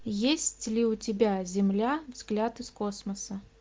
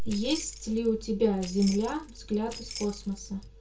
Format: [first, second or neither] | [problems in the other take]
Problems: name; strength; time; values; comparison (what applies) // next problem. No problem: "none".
first | background sound (Keys jangling); 15 dB below the speech // room echo; dies away in 0.2 s